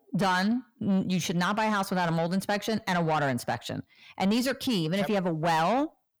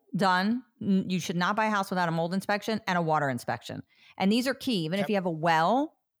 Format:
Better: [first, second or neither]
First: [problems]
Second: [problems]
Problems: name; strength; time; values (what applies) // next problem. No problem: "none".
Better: second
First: distortion; slight; 10 dB below the speech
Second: none